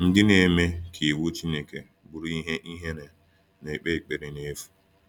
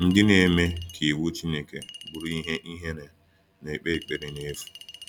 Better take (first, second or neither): first